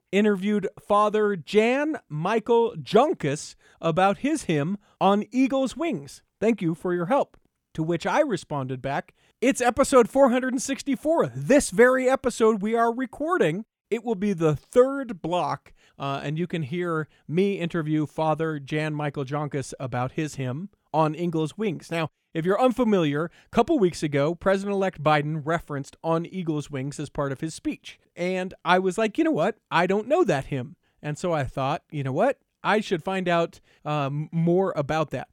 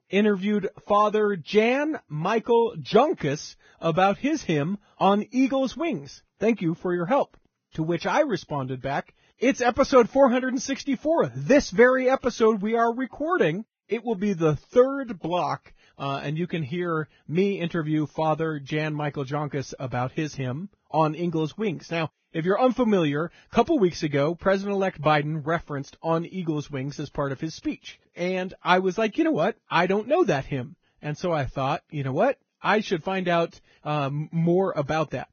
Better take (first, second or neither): first